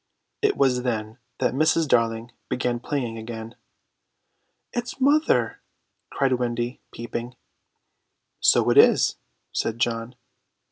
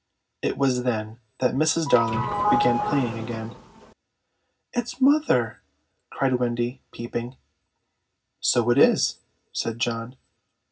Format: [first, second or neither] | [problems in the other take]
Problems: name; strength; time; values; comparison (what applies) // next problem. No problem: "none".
first | background sound (Sliding door / Doorbell); 1 dB below the speech // room echo; dies away in 0.4 s